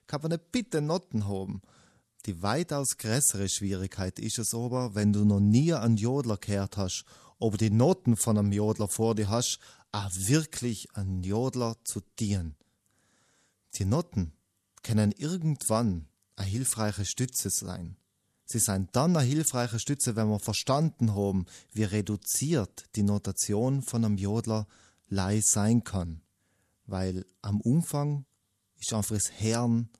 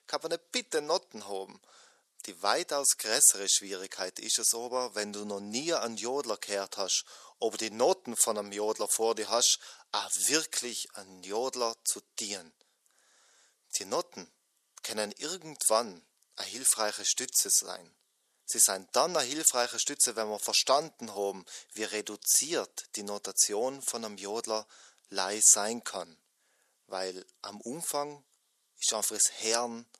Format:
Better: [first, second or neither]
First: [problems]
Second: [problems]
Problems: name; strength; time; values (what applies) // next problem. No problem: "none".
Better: first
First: none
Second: thin; very; fading below 450 Hz